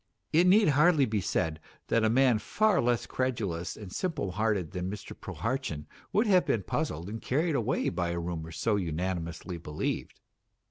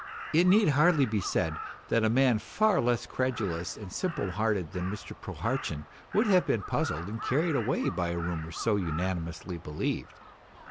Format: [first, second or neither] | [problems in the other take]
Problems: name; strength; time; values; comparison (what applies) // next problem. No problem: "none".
first | background sound (Crow); 14 dB below the speech